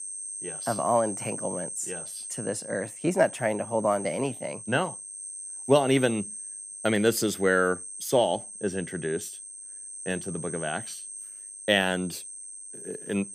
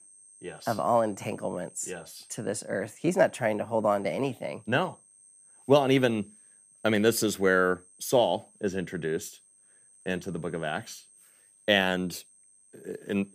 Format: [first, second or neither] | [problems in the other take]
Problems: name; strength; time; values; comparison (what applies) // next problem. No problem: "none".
second | high-pitched whine; loud; throughout; 8.5 kHz, 9 dB below the speech; faint in the second